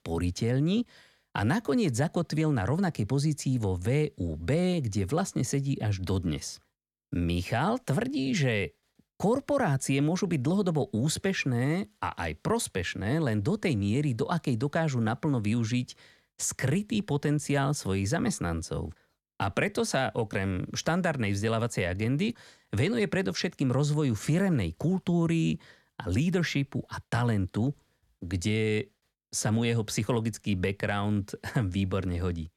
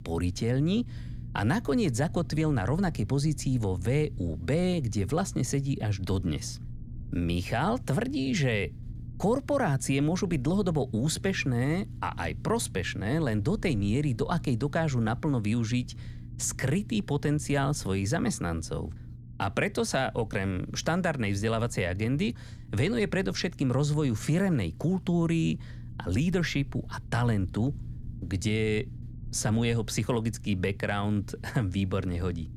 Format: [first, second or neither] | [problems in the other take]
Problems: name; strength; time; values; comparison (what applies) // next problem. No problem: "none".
first | low rumble; faint; throughout; 20 dB below the speech